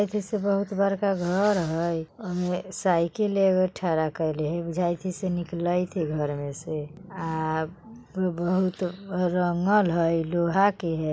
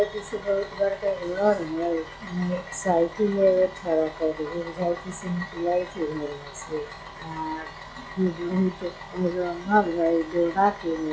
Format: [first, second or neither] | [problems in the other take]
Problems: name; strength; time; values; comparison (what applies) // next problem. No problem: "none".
first | noise reduction (classical method log-MMSE)